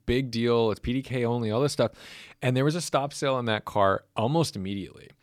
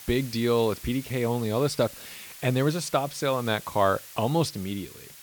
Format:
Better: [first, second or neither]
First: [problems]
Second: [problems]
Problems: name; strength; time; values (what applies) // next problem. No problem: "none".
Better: first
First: none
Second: hiss; noticeable; throughout; 15 dB below the speech